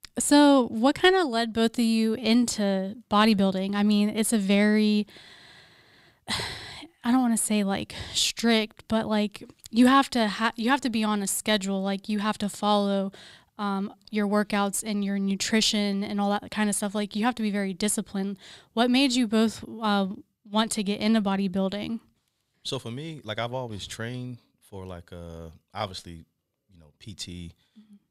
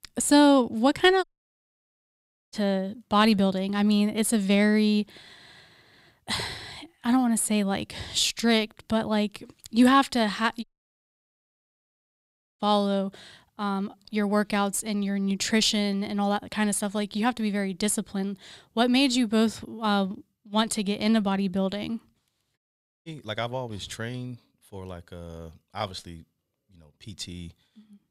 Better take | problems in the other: first | audio cutting out; at 1 s for 1.5 s, at 11 s for 2 s and at 23 s

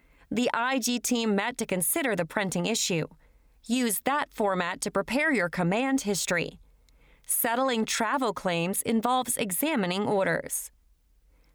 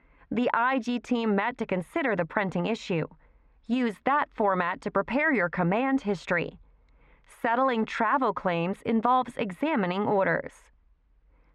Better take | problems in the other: first | muffled; very; fading above 2 kHz

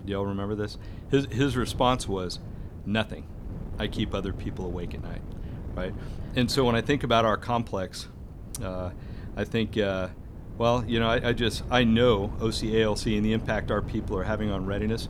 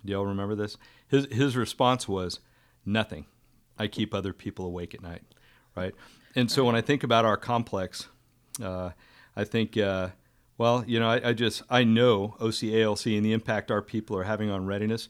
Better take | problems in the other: second | wind noise on the microphone; occasional gusts; 20 dB below the speech

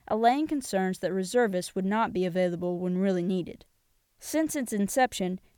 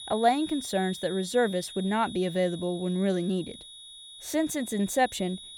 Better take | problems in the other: first | high-pitched whine; noticeable; throughout; 3.5 kHz, 15 dB below the speech

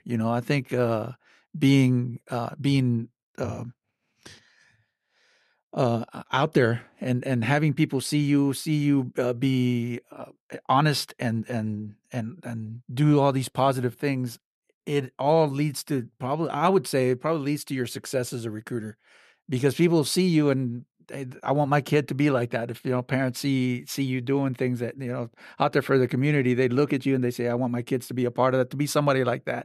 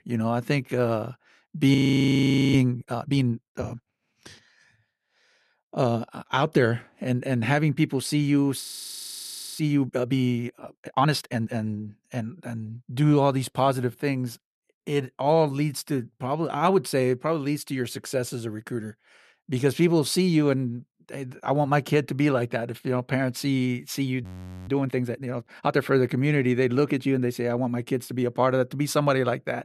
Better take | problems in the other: first | audio freezing; at 1.5 s for 1 s, at 8.5 s for 1 s and at 24 s

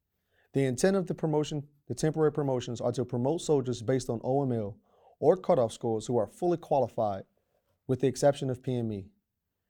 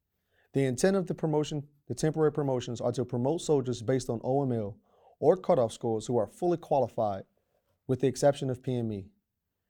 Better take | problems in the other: neither | none

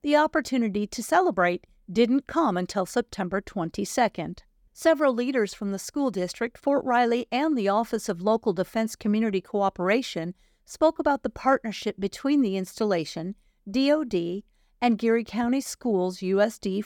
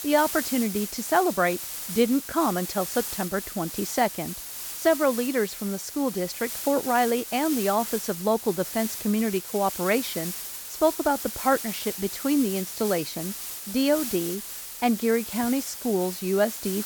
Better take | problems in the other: first | hiss; loud; throughout; 6 dB below the speech

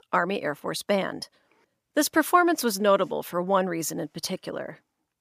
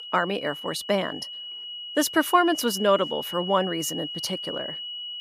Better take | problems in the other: first | high-pitched whine; loud; throughout; 3 kHz, 8 dB below the speech

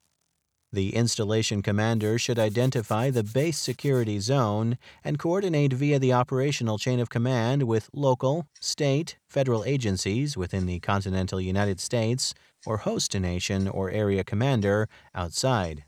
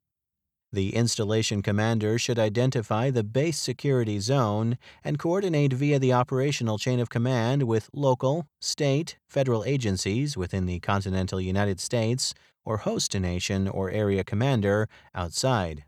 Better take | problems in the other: second | household noises; faint; throughout; 25 dB below the speech

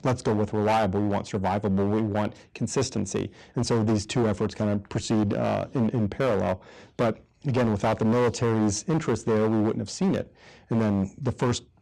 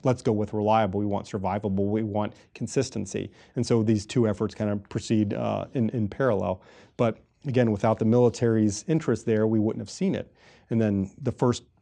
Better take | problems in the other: second | distortion; heavy; 14% of the sound clipped

